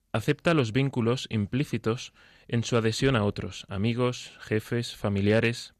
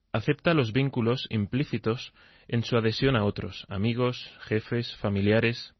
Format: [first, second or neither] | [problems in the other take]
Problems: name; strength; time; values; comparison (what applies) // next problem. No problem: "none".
first | garbled, watery; slightly; nothing above 6 kHz